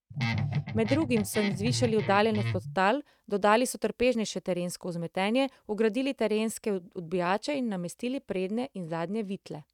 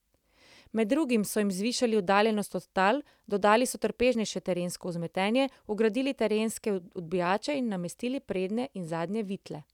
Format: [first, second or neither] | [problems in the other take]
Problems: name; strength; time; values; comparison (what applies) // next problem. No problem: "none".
second | noise reduction (neural mask model RNNoise)